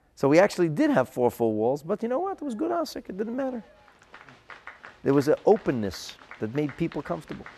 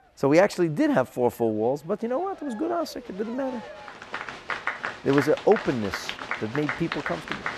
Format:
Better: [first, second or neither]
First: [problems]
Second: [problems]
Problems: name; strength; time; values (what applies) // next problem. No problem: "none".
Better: first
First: crowd noise; faint; throughout; 20 dB below the speech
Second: crowd noise; loud; throughout; 8 dB below the speech